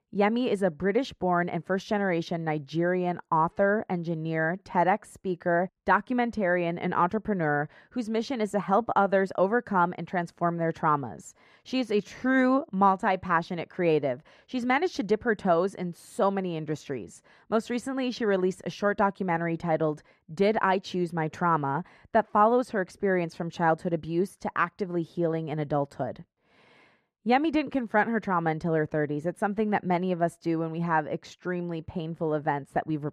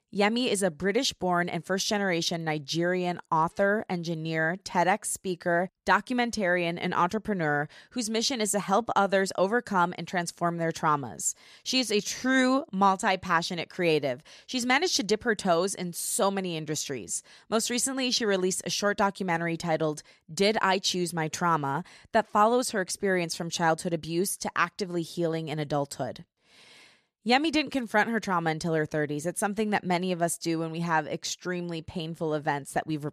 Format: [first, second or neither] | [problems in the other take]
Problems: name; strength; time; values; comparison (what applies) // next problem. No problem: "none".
second | muffled; very; fading above 3 kHz